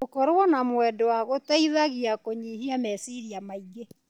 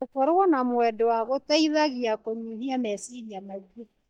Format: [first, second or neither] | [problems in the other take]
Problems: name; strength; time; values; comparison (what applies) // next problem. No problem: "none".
first | noise reduction (neural mask model DeepFilterNet 3)